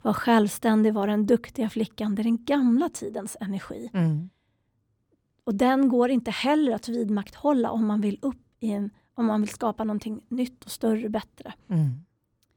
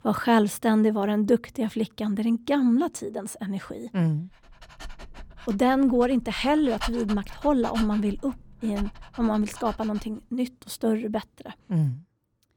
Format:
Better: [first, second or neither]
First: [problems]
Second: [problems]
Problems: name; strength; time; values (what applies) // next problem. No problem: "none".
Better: first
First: none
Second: dog barking; noticeable; from 4.5 to 10 s; peak 8 dB below the speech